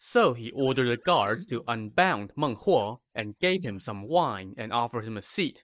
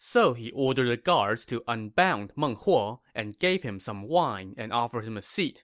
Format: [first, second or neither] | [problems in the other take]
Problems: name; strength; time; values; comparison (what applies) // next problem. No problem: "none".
second | noise reduction (neural mask model Resemble Enhance denoiser)